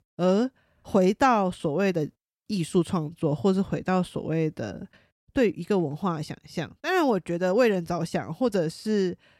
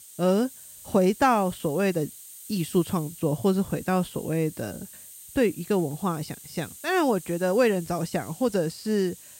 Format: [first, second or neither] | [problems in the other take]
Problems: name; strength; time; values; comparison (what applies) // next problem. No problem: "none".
first | hiss; noticeable; throughout; 15 dB below the speech